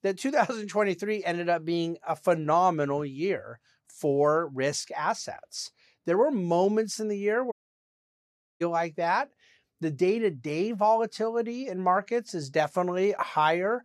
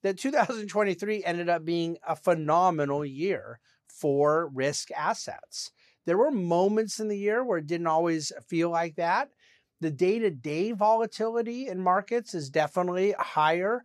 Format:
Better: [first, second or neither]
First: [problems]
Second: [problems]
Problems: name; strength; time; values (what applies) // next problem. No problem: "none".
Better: second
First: audio cutting out; at 7.5 s for 1 s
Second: none